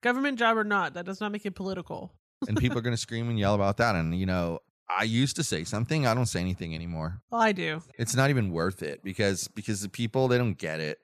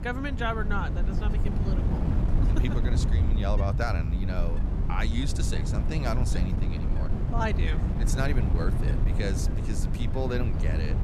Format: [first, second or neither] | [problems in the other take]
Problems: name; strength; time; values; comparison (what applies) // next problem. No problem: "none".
first | wind noise on the microphone; heavy; 5 dB below the speech